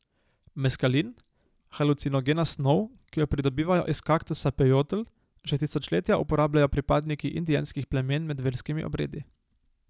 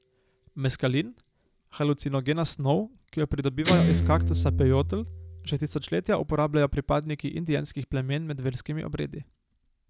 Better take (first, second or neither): first